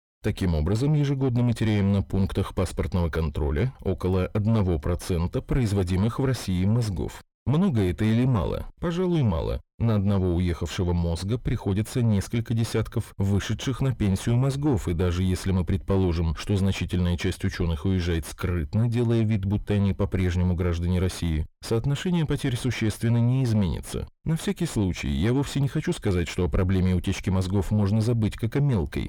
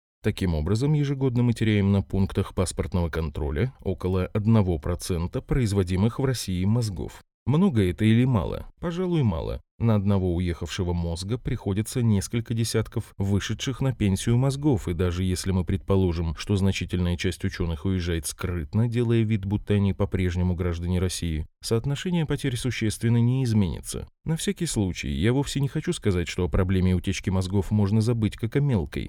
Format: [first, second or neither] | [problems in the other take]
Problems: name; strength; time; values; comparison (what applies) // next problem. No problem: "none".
second | distortion; slight; 10 dB below the speech